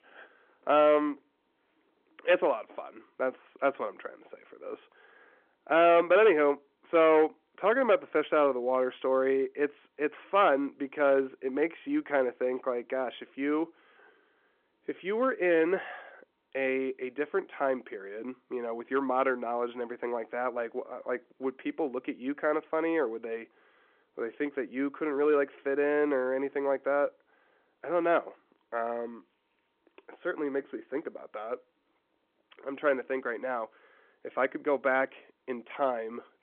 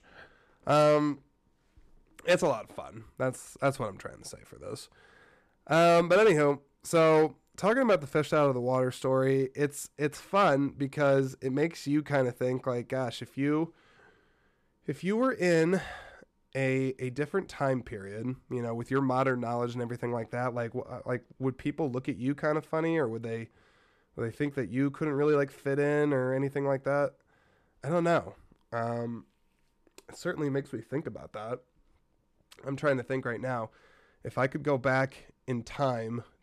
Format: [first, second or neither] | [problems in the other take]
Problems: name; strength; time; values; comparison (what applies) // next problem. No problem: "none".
second | phone-call audio